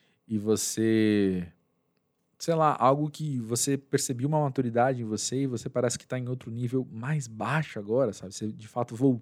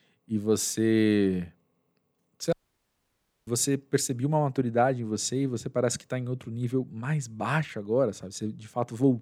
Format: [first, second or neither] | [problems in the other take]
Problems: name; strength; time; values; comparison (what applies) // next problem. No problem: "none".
first | audio cutting out; at 2.5 s for 1 s